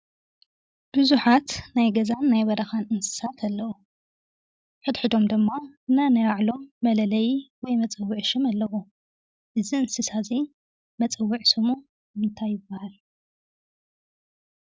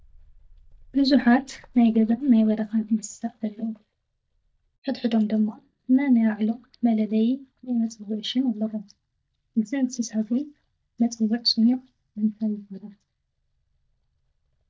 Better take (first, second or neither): first